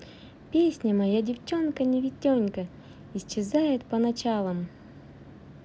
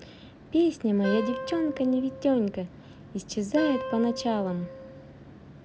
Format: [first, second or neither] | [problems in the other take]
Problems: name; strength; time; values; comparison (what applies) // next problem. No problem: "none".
first | background sound (Wind instrument, woodwind instrument); 10 dB below the speech